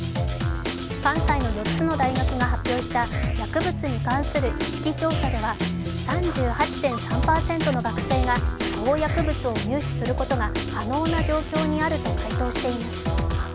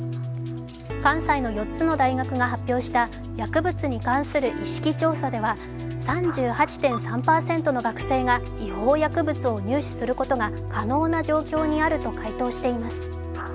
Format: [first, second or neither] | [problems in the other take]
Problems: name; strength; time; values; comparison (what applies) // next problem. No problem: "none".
second | background sound (Drum kit); 1 dB below the speech